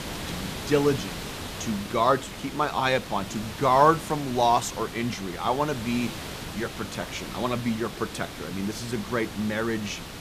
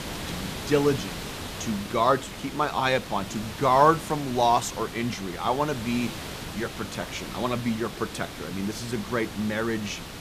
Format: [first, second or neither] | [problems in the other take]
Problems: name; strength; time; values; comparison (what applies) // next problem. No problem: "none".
neither | hiss; loud; throughout; 10 dB below the speech; the same in both